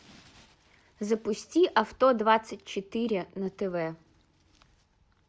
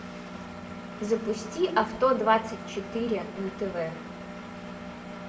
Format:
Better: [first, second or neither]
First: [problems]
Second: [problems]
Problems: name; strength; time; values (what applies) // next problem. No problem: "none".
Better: first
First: none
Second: background sound (Engine); 10 dB below the speech // room echo; dies away in 0.6 s